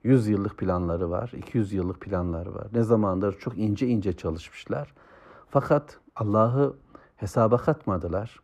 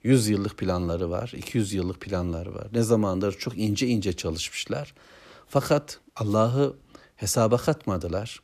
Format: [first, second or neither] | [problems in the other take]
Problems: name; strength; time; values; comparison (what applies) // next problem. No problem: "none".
second | muffled; very; fading above 2.5 kHz